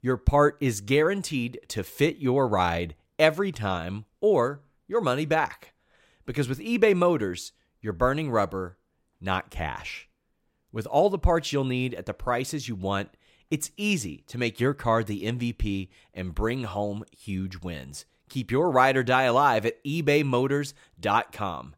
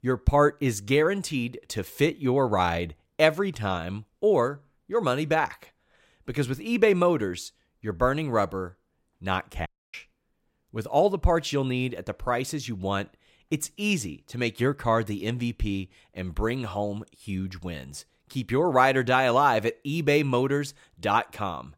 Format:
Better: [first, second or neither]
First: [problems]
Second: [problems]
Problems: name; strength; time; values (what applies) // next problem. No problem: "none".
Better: first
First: none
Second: audio cutting out; at 9.5 s